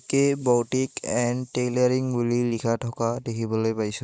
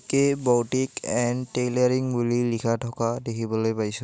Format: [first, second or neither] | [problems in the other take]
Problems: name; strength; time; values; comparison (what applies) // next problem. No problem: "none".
second | noise reduction (neural mask model Resemble Enhance denoiser)